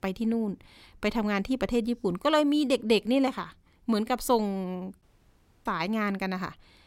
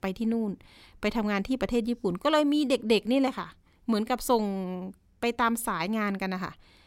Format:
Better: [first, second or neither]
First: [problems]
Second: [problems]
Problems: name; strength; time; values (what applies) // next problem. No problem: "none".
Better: second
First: audio cutting out; at 5 s for 0.5 s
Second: none